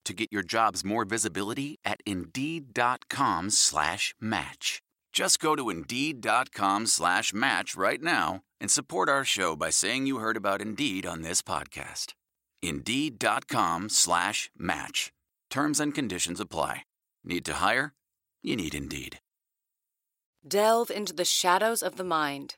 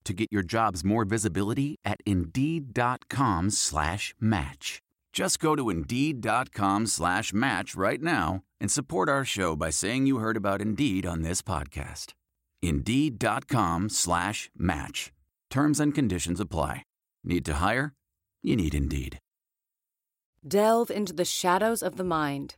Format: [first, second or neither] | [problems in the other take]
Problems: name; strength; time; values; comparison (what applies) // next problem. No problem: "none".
second | thin; very slightly; fading below 1 kHz